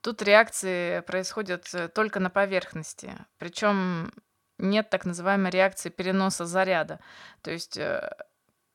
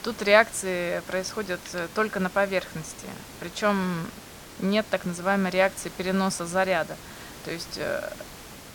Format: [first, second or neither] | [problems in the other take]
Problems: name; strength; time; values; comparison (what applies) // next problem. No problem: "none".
first | hiss; noticeable; throughout; 15 dB below the speech